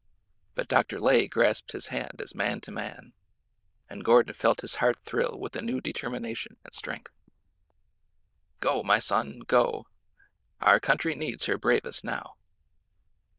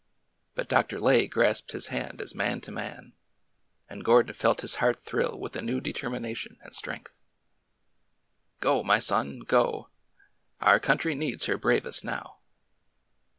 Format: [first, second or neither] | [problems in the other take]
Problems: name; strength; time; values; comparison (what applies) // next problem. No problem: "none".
second | noise reduction (neural diffusion model UNIVERSE++)